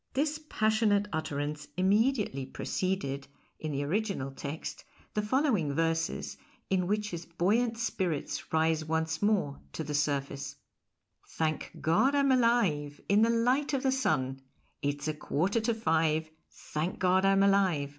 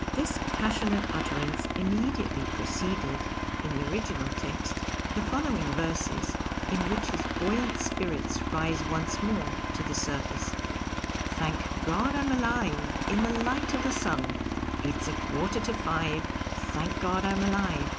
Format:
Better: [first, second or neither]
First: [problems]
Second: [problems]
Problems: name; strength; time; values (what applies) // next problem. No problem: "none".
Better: first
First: none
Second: background sound (Aircraft); 1 dB above the speech